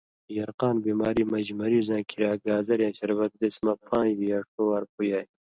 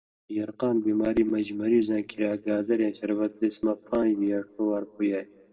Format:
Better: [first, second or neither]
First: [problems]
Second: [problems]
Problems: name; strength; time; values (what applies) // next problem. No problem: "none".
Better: first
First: none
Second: room echo; dies away in 0.2 s